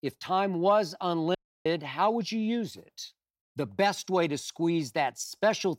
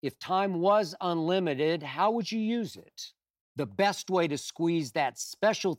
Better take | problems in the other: second | audio cutting out; at 1.5 s

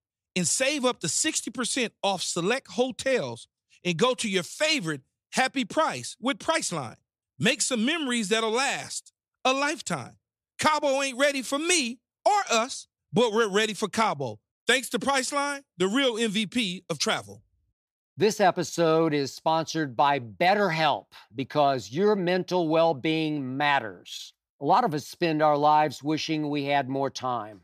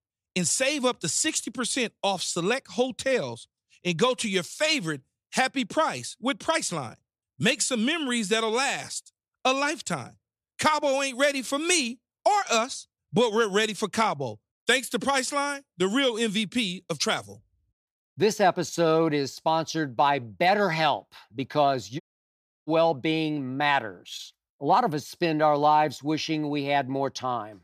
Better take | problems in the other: first | audio cutting out; at 22 s for 0.5 s

